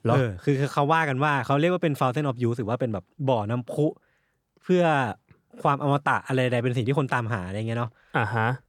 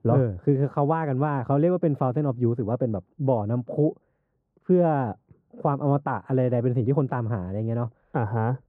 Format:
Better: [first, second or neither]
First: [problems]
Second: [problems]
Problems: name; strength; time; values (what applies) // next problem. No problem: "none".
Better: first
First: none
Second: muffled; very; fading above 1.5 kHz